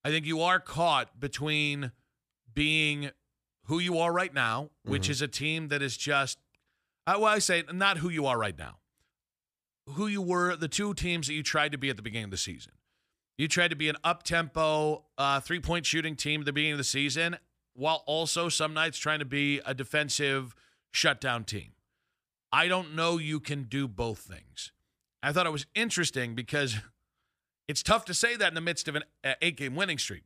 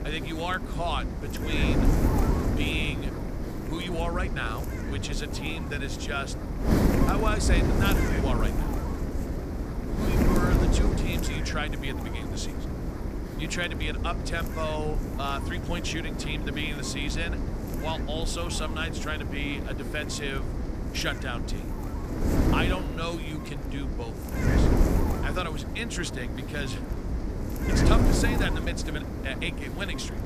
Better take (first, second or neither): first